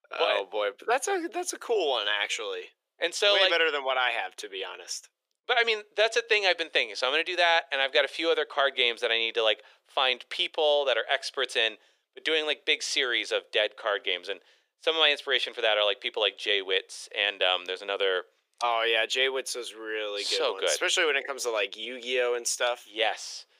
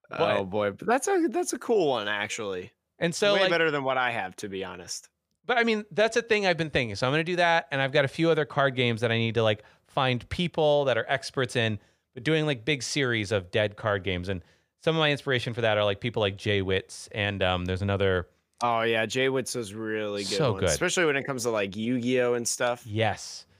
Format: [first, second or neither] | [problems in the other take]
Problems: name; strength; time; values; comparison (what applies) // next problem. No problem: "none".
second | thin; very; fading below 400 Hz